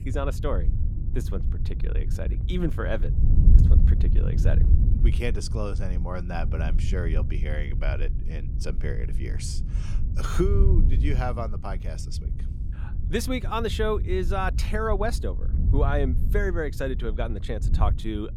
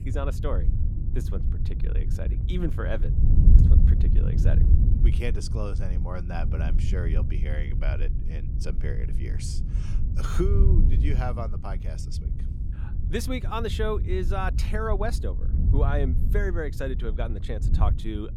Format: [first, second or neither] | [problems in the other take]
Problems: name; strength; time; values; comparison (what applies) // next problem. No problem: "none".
first | wind noise on the microphone; heavy; 7 dB below the speech; occasional gusts in the first